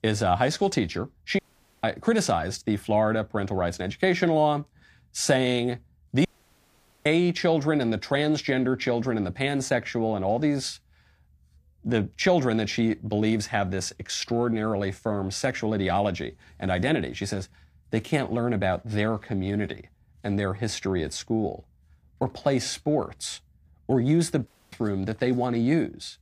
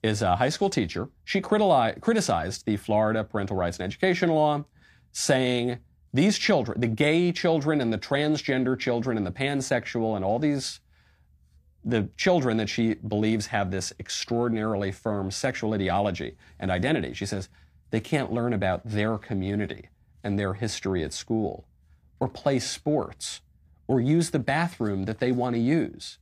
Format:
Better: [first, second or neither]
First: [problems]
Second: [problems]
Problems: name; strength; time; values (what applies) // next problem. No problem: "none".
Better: second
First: audio cutting out; at 1.5 s, at 6.5 s for 1 s and at 24 s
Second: none